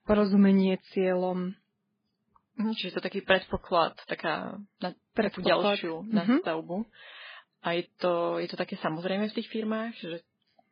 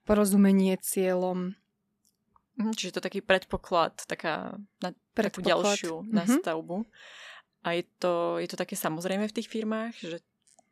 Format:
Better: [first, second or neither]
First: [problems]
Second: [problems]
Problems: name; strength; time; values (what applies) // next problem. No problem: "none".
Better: second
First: garbled, watery; badly; nothing above 4.5 kHz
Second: none